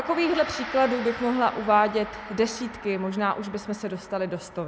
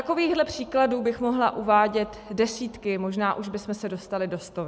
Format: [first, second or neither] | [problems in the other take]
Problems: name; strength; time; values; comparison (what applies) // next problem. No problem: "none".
second | background sound (Gong); 13 dB below the speech